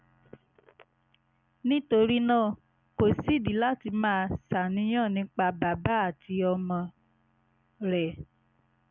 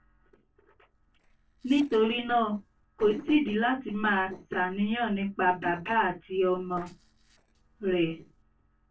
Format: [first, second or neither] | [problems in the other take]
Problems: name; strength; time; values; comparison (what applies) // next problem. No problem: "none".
first | noise reduction (neural separator model SepFormer DNS4)